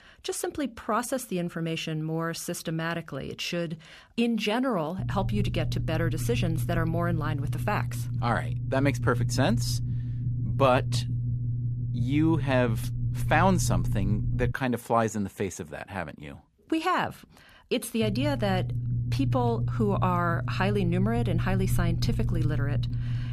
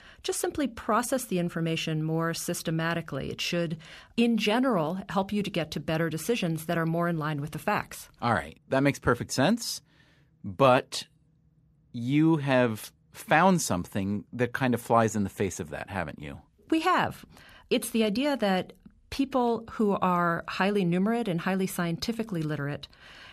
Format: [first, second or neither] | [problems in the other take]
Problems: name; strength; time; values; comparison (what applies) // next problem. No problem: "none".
second | low rumble; noticeable; from 5 to 15 s and from 18 s on; 15 dB below the speech